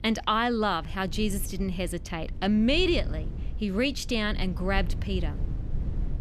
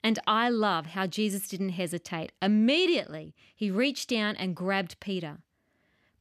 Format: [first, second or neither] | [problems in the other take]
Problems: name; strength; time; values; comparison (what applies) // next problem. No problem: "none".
second | low rumble; faint; throughout; 20 dB below the speech